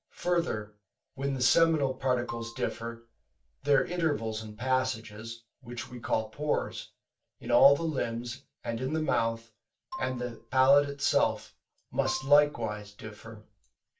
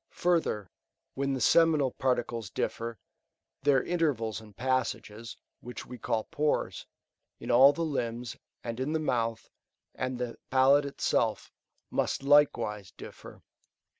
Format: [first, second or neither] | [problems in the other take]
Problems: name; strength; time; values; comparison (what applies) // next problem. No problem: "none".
second | background sound (Marimba, xylophone); 18 dB below the speech // room echo; dies away in 0.2 s